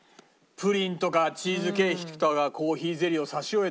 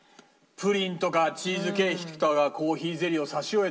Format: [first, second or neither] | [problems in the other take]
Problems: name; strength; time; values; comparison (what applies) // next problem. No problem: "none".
first | room echo; dies away in 0.7 s